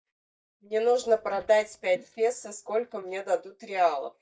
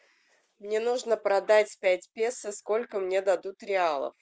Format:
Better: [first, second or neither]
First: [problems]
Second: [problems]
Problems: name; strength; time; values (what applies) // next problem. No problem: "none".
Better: second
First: noise reduction (neural mask model DeepFilterNet 3)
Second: none